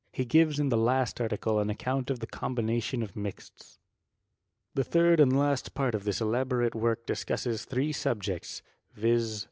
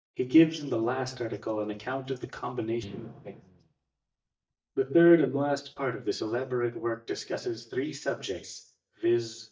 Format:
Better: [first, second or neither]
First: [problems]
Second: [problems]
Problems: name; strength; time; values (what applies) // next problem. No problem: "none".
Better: first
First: none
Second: noise reduction (neural mask model DeepFilterNet 3)